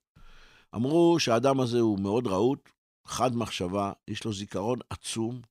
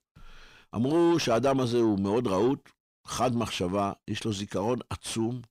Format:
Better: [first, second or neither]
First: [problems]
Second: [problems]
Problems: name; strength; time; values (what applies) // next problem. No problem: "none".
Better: first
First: none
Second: distortion; slight; 10 dB below the speech